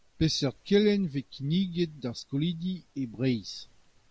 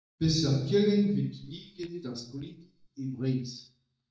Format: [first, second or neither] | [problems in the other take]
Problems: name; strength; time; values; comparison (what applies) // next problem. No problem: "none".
first | noise reduction (neural mask model DeepFilterNet 3)